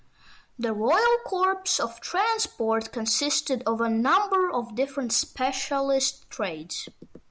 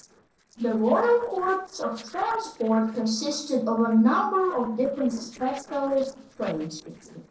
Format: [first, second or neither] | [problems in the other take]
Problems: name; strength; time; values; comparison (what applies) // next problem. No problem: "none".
first | noise reduction (neural separator model SepFormer DNS4)